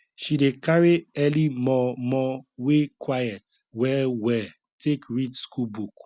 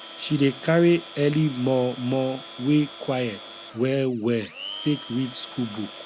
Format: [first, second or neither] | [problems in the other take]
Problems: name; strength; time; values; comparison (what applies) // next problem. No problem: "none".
first | background sound (Domestic sounds, home sounds); 16 dB below the speech